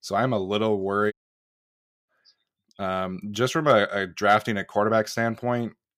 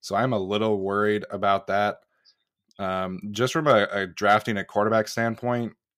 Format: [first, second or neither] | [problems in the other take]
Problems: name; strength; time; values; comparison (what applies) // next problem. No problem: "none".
second | audio cutting out; at 1 s for 1 s